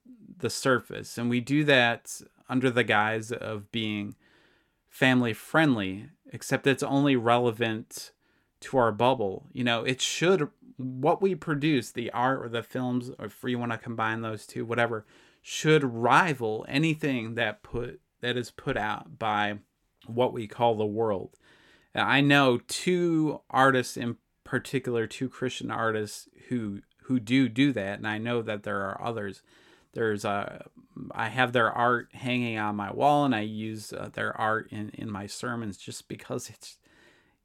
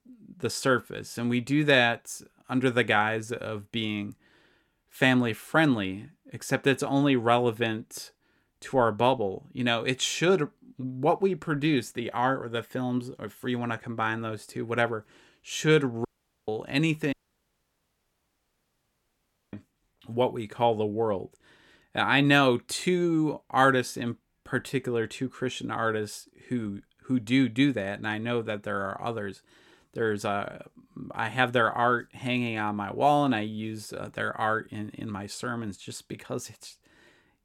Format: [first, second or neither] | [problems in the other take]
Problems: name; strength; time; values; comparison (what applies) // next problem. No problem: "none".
first | audio cutting out; at 16 s and at 17 s for 2.5 s